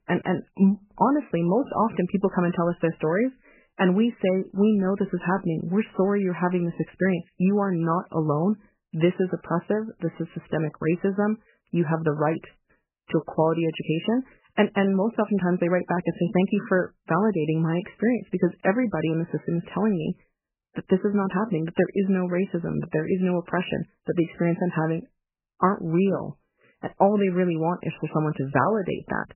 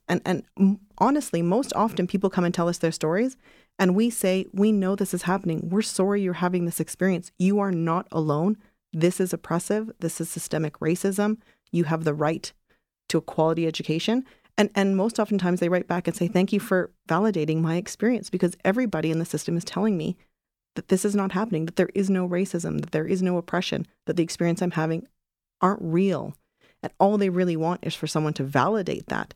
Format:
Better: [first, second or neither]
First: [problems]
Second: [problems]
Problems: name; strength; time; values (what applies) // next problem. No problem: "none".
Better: second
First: garbled, watery; badly; nothing above 3 kHz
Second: none